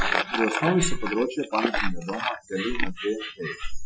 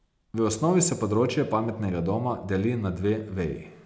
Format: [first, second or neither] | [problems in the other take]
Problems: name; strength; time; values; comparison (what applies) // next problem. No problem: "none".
second | noise reduction (classical method Wiener filter)